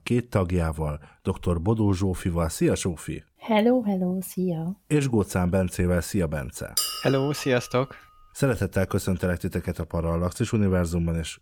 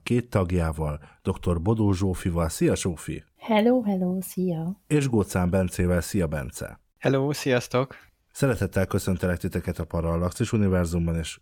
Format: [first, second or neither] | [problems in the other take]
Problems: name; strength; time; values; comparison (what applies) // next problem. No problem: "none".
second | clattering dishes; loud; at 7 s; peak level with the speech